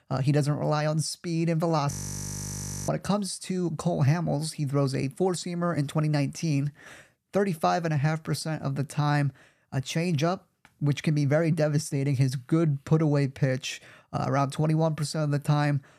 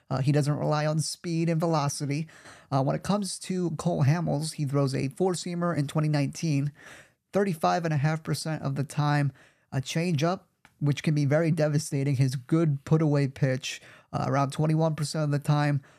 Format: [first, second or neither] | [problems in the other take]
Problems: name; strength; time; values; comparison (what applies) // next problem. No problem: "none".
second | audio freezing; at 2 s for 1 s